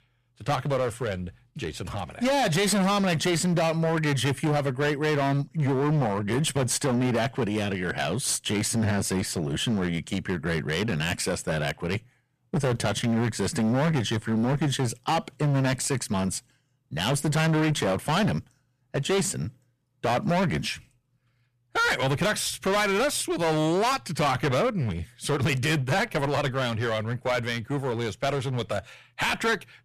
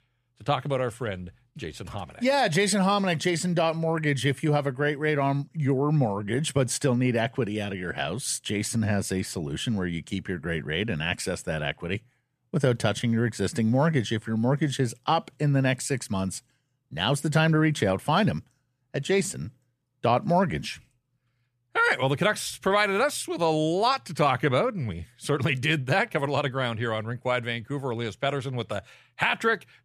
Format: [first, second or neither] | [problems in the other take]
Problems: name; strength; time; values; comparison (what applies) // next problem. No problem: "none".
second | distortion; heavy; 19% of the sound clipped